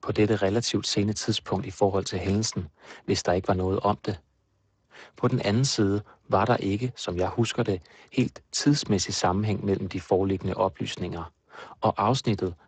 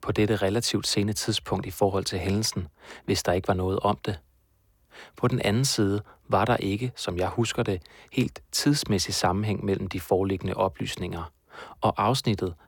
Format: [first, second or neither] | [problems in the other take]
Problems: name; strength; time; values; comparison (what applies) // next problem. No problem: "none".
second | garbled, watery; badly; nothing above 7.5 kHz